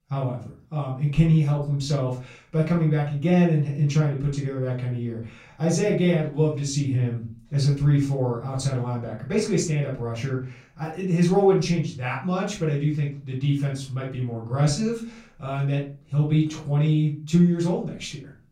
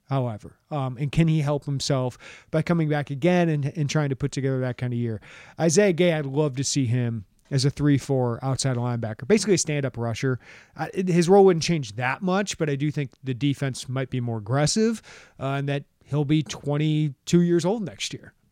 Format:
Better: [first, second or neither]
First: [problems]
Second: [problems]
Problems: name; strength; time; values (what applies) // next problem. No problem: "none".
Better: second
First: room echo; slight; dies away in 0.3 s // off-mic speech; far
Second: none